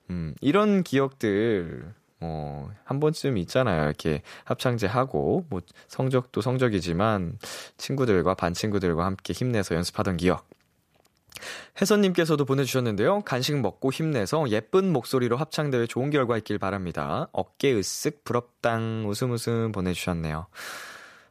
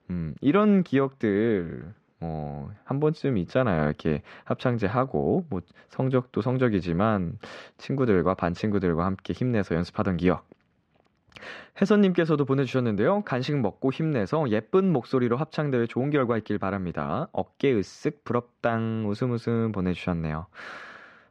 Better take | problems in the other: first | muffled; slightly; fading above 3 kHz

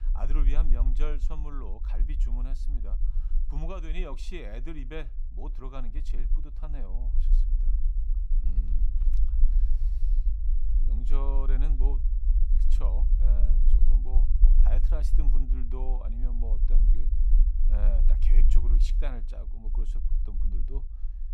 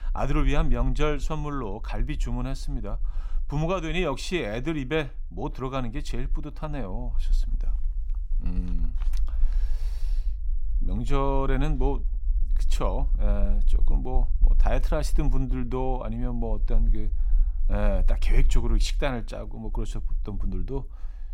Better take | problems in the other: second | low rumble; loud; throughout; 8 dB below the speech; faint in the second

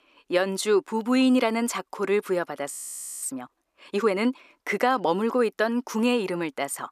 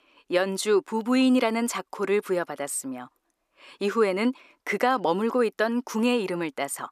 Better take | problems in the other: second | audio freezing; at 2.5 s for 0.5 s

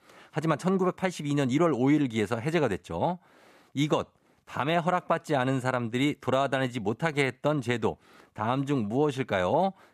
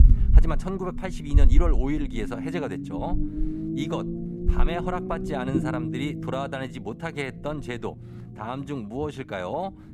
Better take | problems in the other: first | low rumble; loud; throughout; 6 dB below the speech

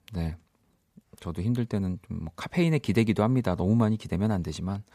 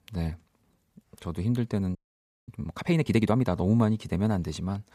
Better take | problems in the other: first | audio freezing; at 2 s for 0.5 s

